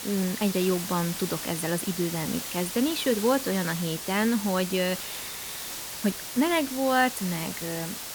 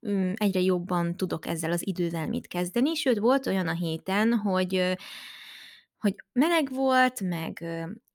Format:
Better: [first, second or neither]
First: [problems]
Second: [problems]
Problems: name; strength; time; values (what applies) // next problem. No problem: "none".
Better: second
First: hiss; loud; throughout; 6 dB below the speech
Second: none